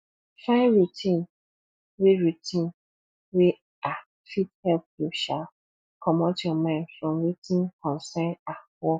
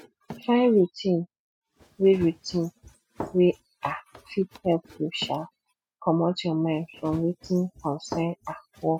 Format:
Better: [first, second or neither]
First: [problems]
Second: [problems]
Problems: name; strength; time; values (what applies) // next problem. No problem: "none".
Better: first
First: none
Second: noise reduction (classical method spectral subtraction)